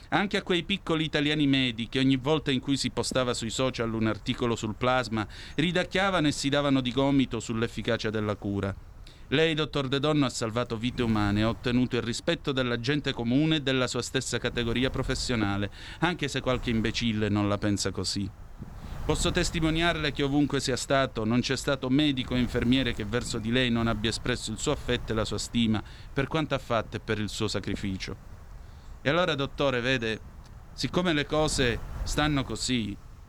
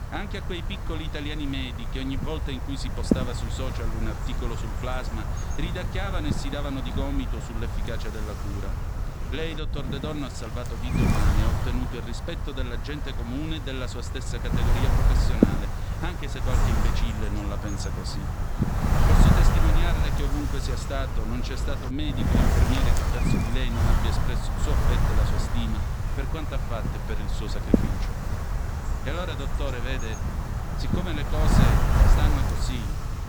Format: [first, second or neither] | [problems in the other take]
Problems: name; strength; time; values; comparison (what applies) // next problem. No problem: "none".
first | wind noise on the microphone; heavy; 2 dB above the speech; occasional gusts in the first